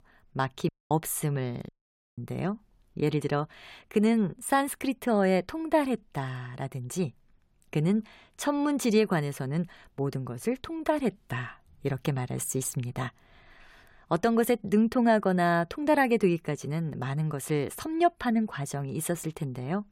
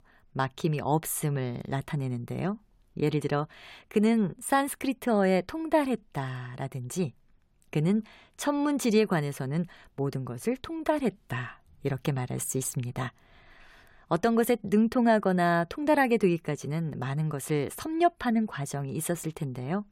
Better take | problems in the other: second | audio cutting out; at 0.5 s and at 1.5 s

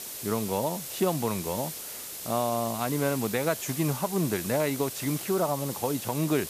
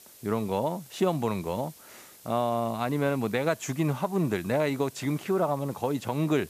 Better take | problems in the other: second | hiss; loud; throughout; 6 dB below the speech; faint in the second

